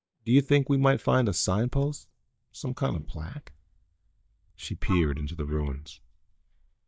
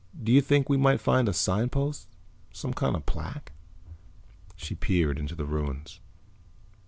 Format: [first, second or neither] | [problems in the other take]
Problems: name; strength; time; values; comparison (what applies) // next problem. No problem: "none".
second | noise reduction (neural mask model DeepFilterNet 3)